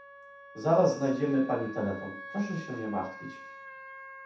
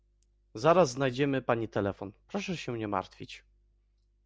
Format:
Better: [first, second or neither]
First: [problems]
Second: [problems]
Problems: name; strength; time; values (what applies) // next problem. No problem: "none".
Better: second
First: background sound (Wind instrument, woodwind instrument); 15 dB below the speech // room echo; dies away in 0.7 s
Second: none